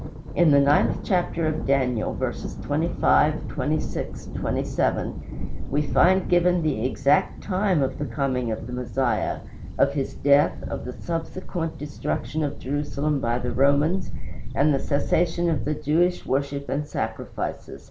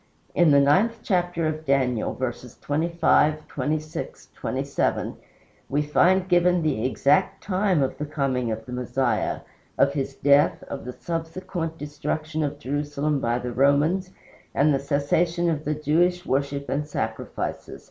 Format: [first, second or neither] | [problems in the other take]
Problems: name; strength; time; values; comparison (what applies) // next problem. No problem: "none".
second | background sound (Thunder); 5 dB below the speech